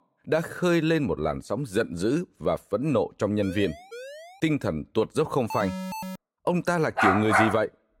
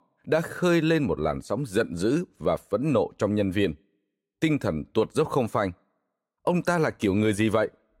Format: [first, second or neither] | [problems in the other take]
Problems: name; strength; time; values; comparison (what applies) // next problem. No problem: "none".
second | siren; faint; at 3.5 s; peak 15 dB below the speech // alarm; noticeable; at 5.5 s; peak 6 dB below the speech // dog barking; loud; at 7 s; peak 5 dB above the speech